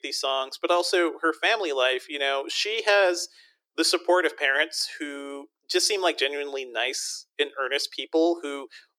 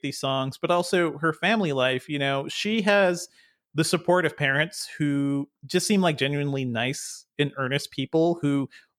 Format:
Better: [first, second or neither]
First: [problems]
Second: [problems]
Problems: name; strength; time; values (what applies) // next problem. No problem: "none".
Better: second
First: thin; very; fading below 300 Hz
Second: none